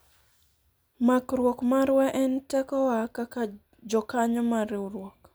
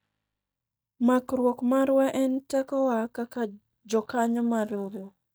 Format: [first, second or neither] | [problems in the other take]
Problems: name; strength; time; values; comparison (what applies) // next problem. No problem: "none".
first | noise reduction (neural mask model DeepFilterNet 3)